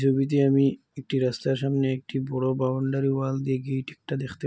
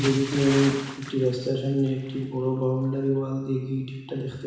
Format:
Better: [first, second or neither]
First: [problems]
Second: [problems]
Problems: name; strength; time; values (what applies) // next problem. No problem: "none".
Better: first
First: none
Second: background sound (Bathtub (filling or washing) / Splash, splatter); 14 dB below the speech // room echo; dies away in 1 s